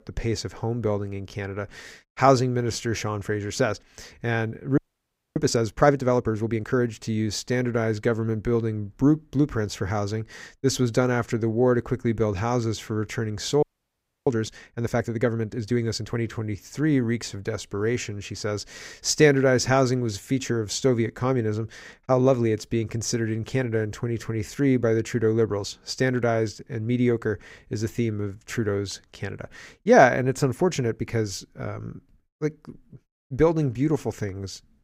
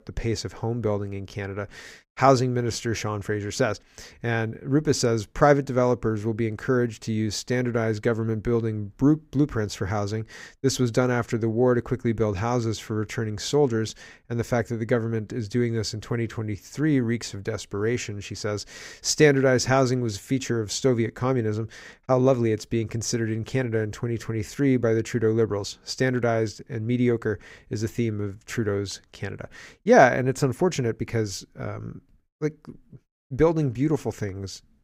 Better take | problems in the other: second | audio freezing; at 5 s for 0.5 s and at 14 s for 0.5 s

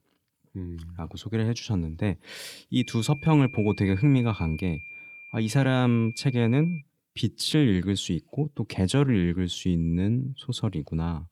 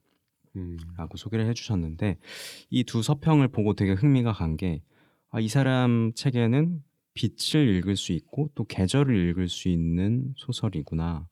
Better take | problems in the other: second | high-pitched whine; noticeable; from 3 to 7 s; 2.5 kHz, 15 dB below the speech

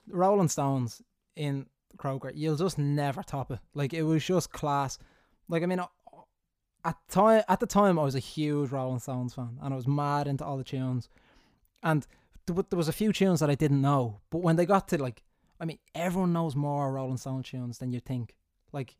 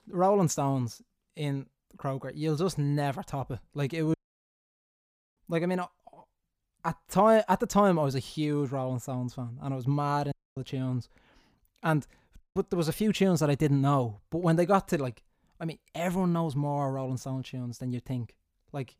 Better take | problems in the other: first | audio cutting out; at 4 s for 1 s, at 10 s and at 12 s

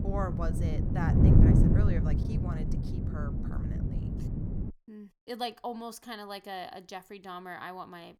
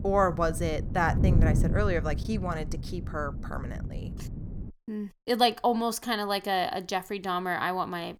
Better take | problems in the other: second | wind noise on the microphone; heavy; until 4.5 s; 2 dB above the speech; occasional gusts in the second

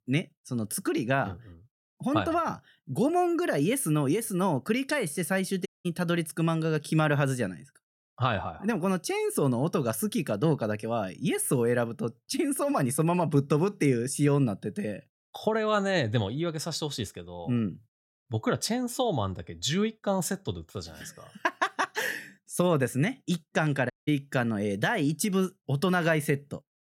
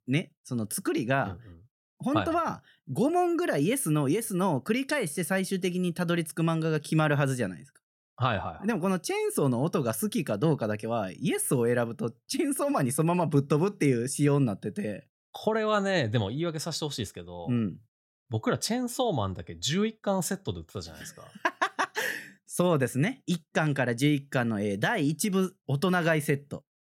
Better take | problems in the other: second | audio cutting out; at 5.5 s and at 24 s

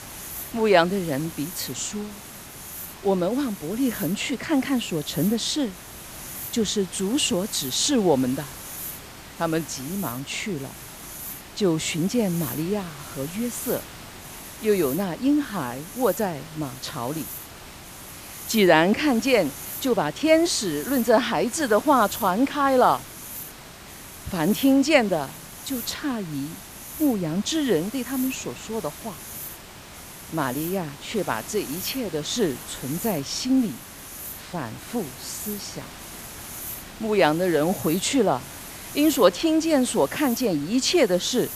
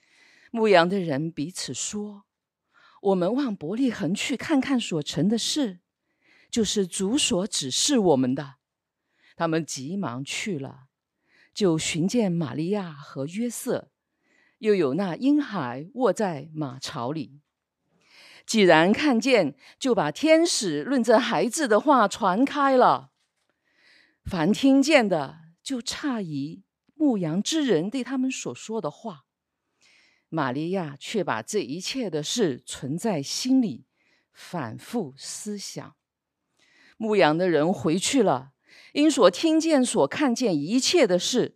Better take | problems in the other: second | hiss; noticeable; throughout; 10 dB below the speech

